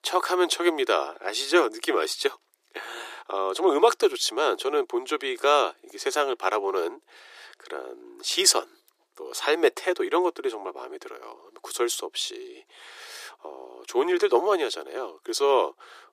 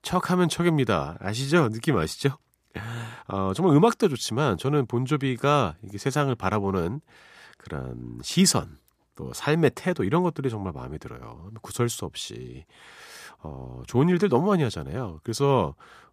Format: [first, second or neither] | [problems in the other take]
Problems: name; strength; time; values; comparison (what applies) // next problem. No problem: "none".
second | thin; very; fading below 350 Hz